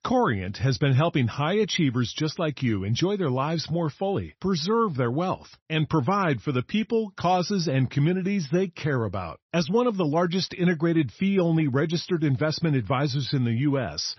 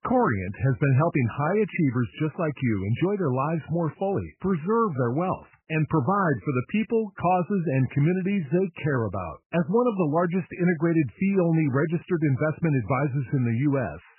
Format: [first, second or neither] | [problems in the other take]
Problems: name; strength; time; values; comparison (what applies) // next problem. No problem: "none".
first | garbled, watery; badly; nothing above 3 kHz; slightly in the first